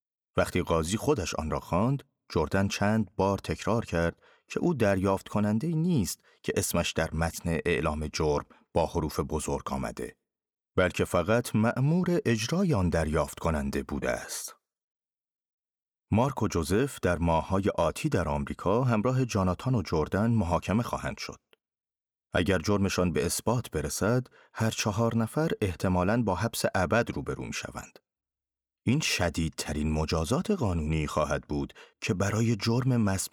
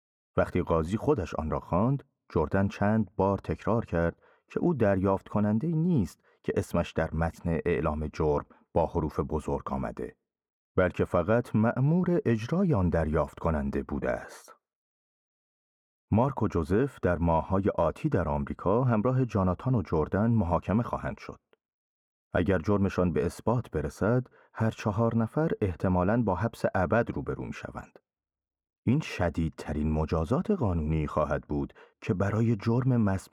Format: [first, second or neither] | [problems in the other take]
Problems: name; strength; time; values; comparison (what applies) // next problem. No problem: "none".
first | muffled; very; fading above 2.5 kHz